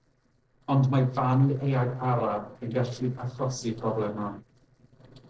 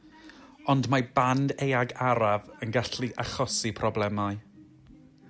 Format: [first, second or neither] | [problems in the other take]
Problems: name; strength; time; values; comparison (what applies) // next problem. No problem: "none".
second | noise reduction (neural separator model SepFormer DNS4)